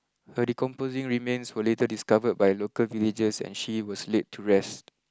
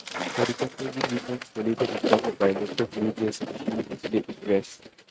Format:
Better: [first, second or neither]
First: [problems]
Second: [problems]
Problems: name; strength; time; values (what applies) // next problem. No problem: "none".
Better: first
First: none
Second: noise reduction (neural mask model RNNoise)